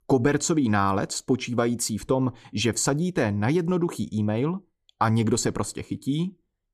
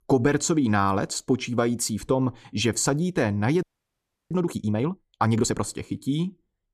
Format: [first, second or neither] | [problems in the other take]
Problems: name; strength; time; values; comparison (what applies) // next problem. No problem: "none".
first | audio freezing; at 3.5 s for 0.5 s